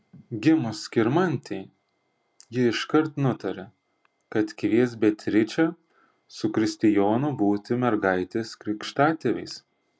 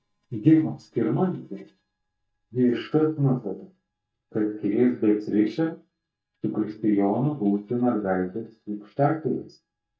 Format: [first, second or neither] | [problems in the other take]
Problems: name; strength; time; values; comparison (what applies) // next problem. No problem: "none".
first | noise reduction (neural mask model DeepFilterNet 3)